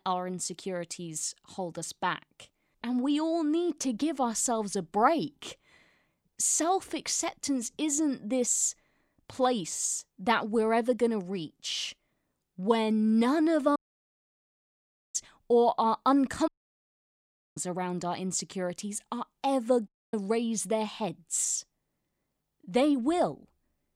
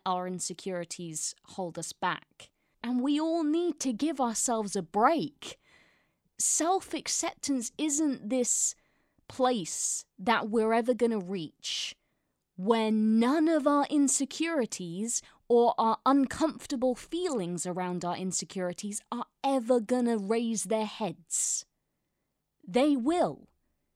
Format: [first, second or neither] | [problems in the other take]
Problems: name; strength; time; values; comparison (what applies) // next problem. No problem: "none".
second | audio cutting out; at 14 s for 1.5 s, at 16 s for 1 s and at 20 s